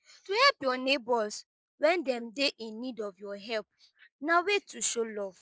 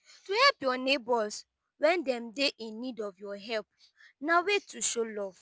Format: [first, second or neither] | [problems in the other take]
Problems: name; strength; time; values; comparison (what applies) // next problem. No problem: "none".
second | noise reduction (neural mask model Resemble Enhance denoiser)